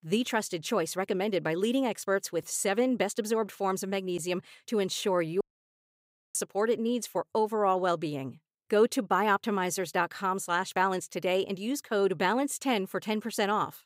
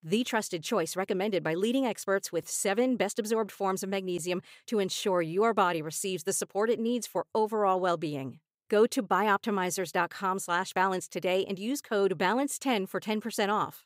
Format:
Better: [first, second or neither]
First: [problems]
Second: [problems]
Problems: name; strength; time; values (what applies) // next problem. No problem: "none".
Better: second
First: audio cutting out; at 5.5 s for 1 s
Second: none